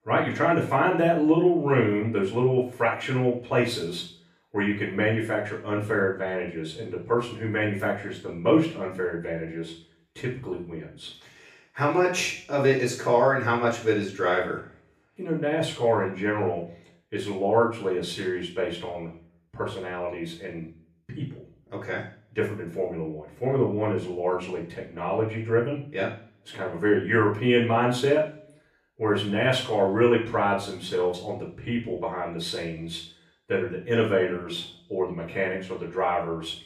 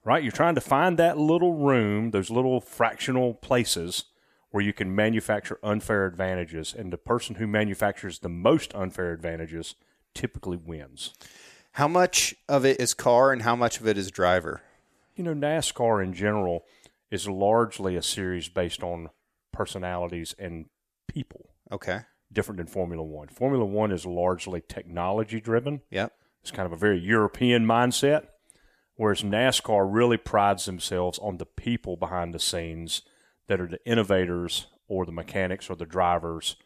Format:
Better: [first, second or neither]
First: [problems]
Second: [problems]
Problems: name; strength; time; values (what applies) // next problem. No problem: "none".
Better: second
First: room echo; noticeable; dies away in 0.5 s // off-mic speech; far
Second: none